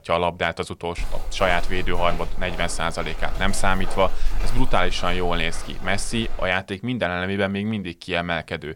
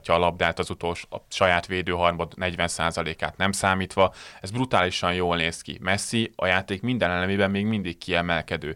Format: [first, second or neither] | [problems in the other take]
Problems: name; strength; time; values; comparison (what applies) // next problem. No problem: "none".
second | footsteps; noticeable; from 1 to 6.5 s; peak 4 dB below the speech